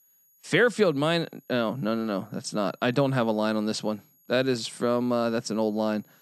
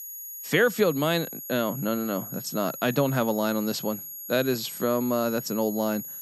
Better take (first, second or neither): first